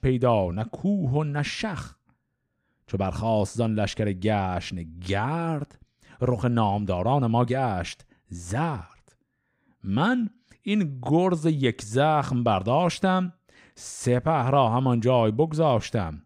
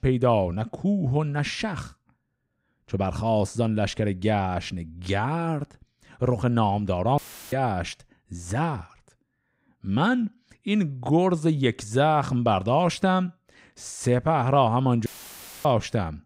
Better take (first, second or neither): first